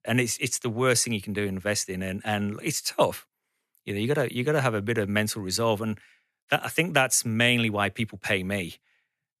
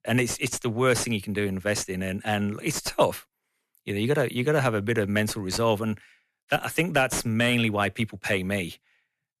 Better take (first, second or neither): first